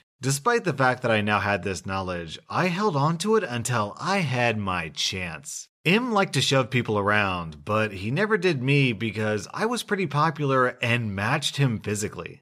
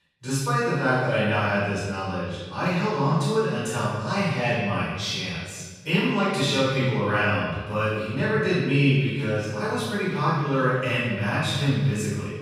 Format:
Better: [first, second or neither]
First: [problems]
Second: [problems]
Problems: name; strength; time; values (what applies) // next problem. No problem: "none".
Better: first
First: none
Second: off-mic speech; far // room echo; strong; dies away in 1.3 s